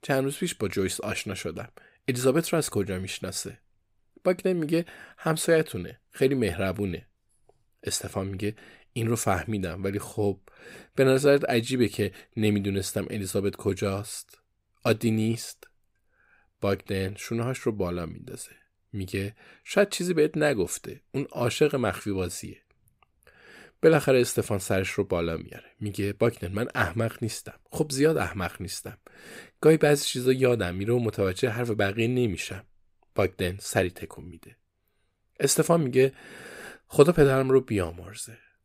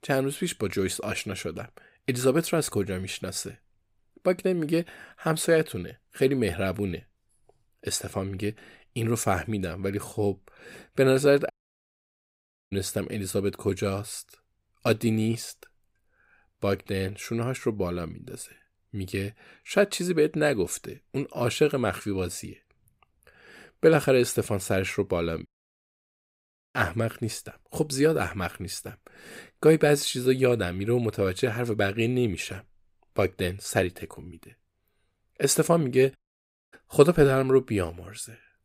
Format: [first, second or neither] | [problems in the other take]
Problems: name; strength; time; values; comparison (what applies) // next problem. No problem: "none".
first | audio cutting out; at 12 s for 1 s, at 25 s for 1.5 s and at 36 s for 0.5 s